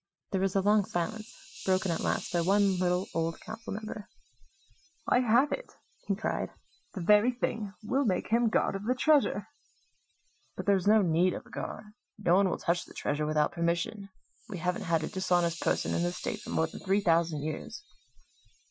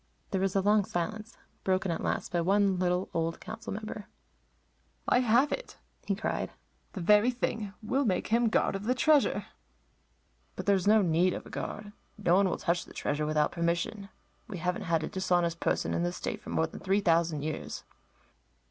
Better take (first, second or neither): second